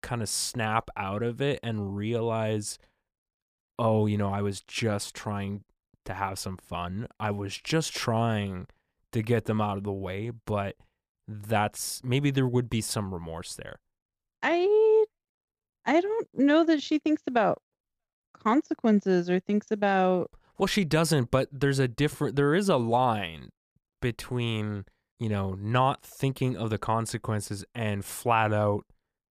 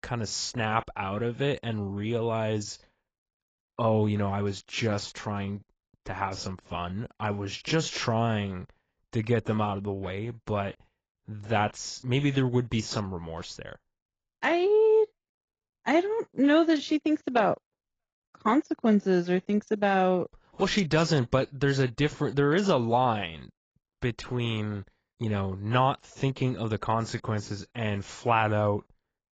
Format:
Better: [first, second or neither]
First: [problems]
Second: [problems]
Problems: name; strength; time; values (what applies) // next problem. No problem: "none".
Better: first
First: none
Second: garbled, watery; badly; nothing above 7.5 kHz